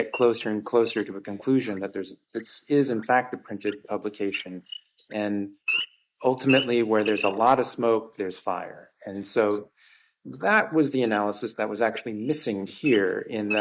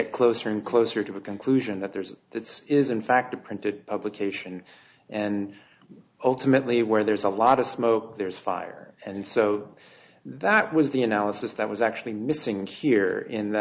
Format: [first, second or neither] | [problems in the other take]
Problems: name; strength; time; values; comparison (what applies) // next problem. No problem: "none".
second | noise reduction (neural mask model Resemble Enhance denoiser)